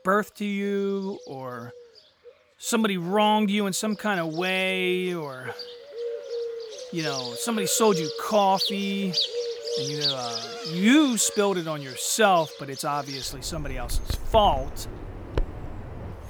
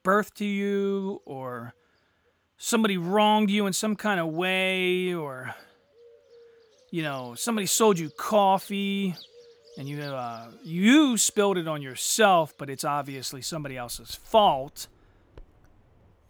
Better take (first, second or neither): second